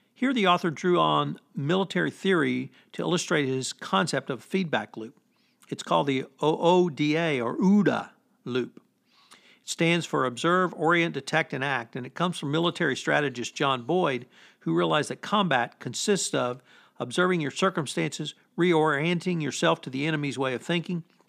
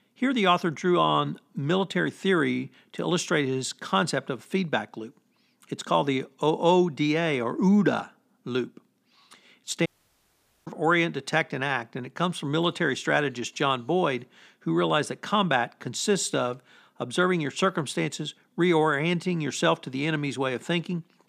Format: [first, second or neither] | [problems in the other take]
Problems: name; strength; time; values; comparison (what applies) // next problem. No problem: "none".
first | audio cutting out; at 10 s for 1 s